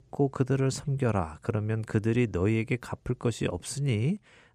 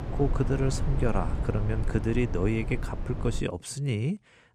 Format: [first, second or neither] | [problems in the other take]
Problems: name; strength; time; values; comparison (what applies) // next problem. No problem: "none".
first | low rumble; loud; until 3.5 s; 9 dB below the speech